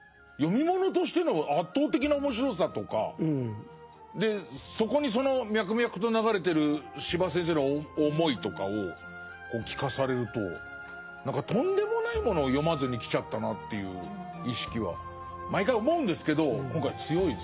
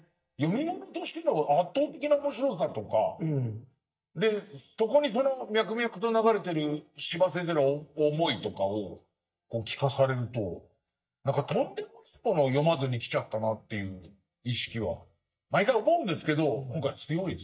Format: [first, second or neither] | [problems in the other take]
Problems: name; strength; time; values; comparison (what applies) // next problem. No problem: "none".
first | noise reduction (neural mask model DeepFilterNet 3)